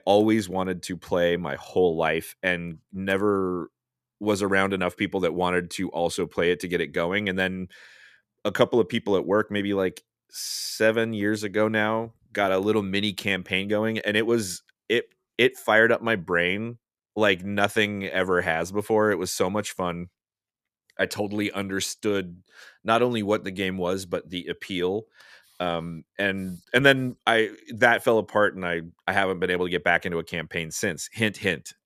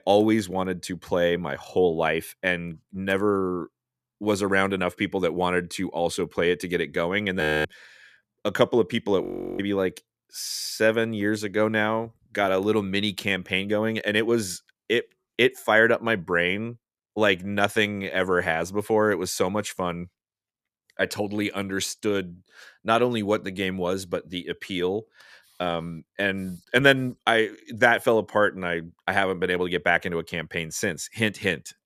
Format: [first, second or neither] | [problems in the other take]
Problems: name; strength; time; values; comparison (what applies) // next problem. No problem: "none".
first | audio freezing; at 7.5 s and at 9 s